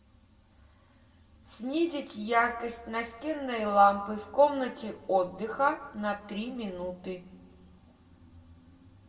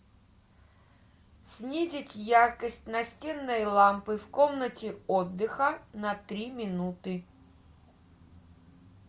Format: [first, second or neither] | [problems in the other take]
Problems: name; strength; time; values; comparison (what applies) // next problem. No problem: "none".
second | room echo; dies away in 1 s